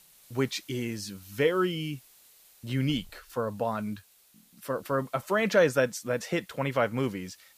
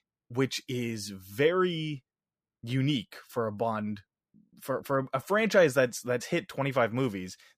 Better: second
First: hiss; faint; throughout; 25 dB below the speech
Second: none

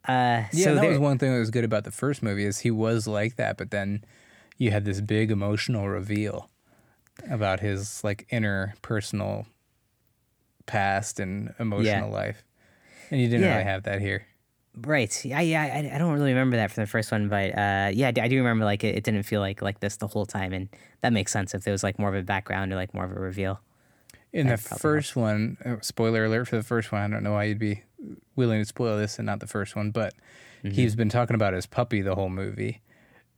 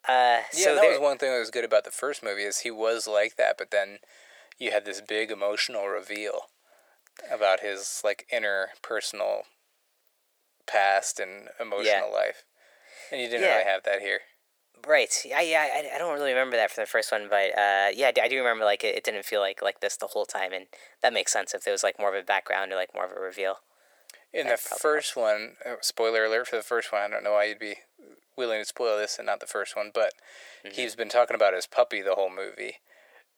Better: first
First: none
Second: thin; very; fading below 500 Hz

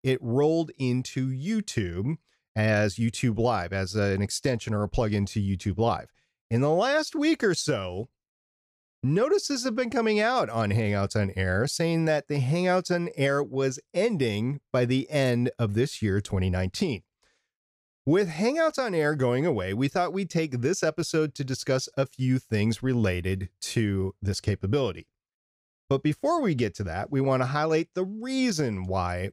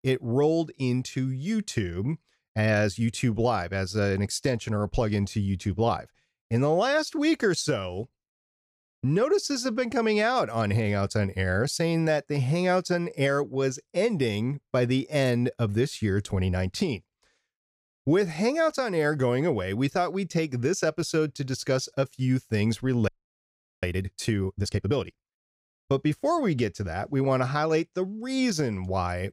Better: first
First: none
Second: audio freezing; at 23 s for 1 s

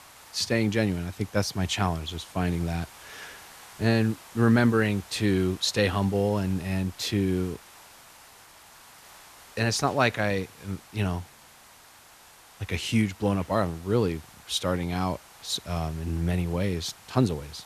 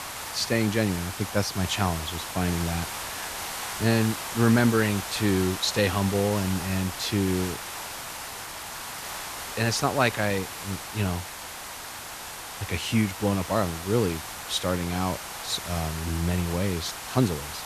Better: first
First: hiss; faint; throughout; 20 dB below the speech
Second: hiss; loud; throughout; 7 dB below the speech

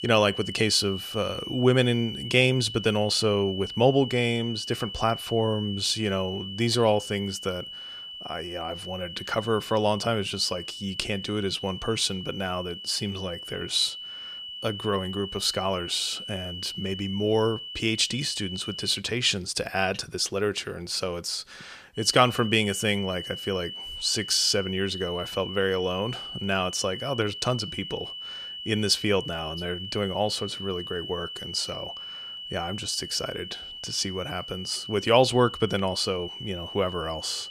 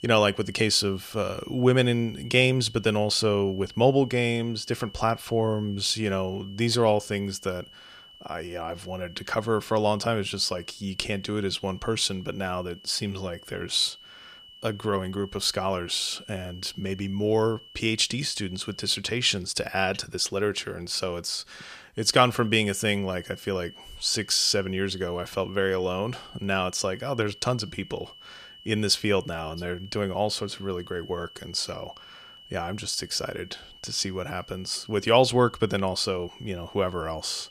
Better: second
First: high-pitched whine; loud; until 19 s and from 22 s on; 3 kHz, 9 dB below the speech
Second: high-pitched whine; faint; until 19 s and from 22 s on; 3 kHz, 20 dB below the speech

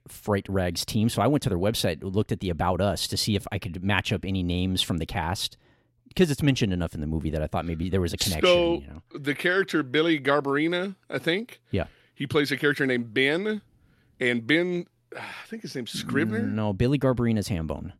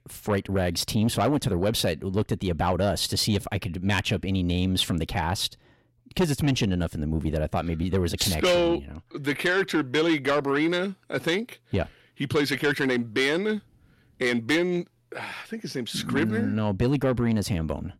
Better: first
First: none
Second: distortion; slight; 10 dB below the speech

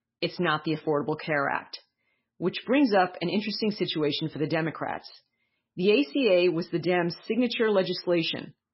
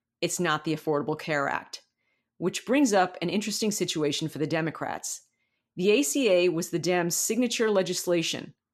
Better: second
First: garbled, watery; badly; nothing above 5.5 kHz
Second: none

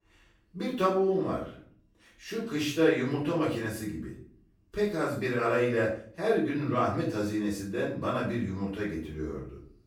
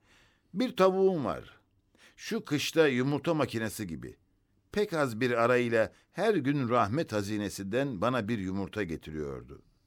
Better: second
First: room echo; noticeable; dies away in 0.4 s // off-mic speech; far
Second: none

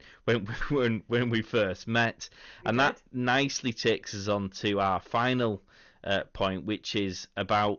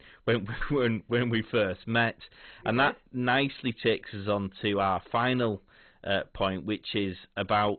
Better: first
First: garbled, watery; slightly; nothing above 6.5 kHz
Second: garbled, watery; badly; nothing above 4 kHz

